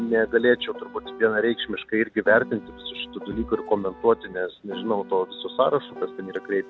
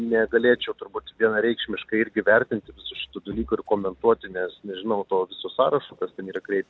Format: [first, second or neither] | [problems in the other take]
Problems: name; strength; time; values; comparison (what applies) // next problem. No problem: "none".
second | background sound (Piano); 16 dB below the speech